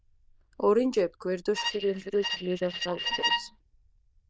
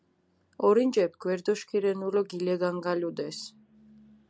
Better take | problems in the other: second | noise reduction (neural diffusion model UNIVERSE++)

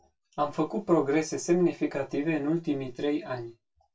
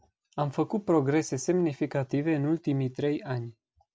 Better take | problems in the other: second | room echo; dies away in 0.2 s

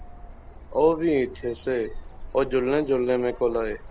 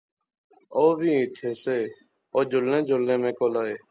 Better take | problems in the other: second | background sound (Bird); 14 dB below the speech

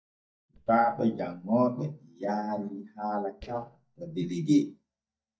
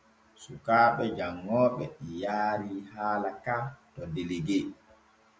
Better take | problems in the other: second | noise reduction (neural mask model DeepFilterNet 3)

